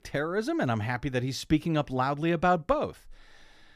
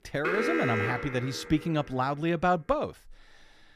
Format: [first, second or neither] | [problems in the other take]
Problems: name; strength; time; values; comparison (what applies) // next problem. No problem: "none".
first | alarm; loud; until 2 s; peak 1 dB above the speech